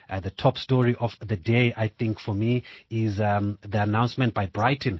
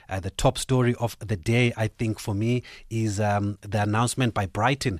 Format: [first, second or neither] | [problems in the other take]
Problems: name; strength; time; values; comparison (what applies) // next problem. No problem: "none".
second | garbled, watery; slightly